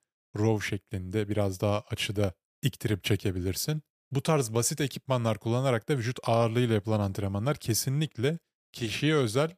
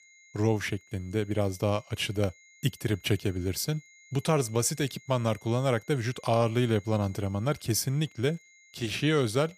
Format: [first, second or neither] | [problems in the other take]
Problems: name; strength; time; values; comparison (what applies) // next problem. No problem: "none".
first | high-pitched whine; faint; throughout; 2 kHz, 25 dB below the speech